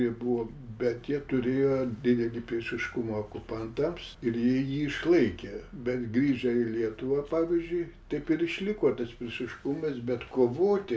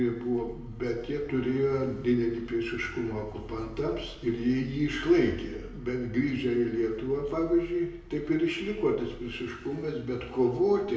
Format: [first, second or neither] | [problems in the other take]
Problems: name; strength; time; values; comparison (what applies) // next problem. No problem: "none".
first | room echo; dies away in 0.9 s